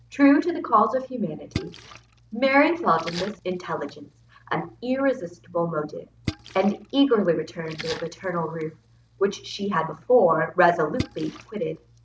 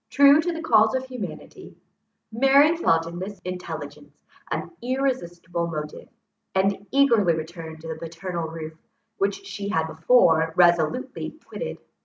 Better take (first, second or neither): second